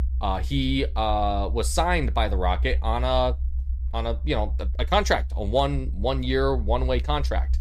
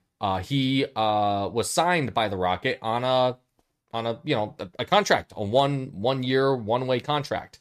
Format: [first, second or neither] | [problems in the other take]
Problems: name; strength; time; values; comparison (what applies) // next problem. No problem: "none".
second | low rumble; faint; throughout; 25 dB below the speech